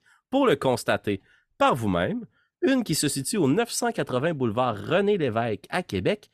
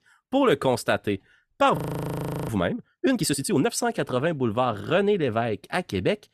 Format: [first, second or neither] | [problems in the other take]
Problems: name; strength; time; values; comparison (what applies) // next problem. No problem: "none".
first | audio freezing; at 2 s for 0.5 s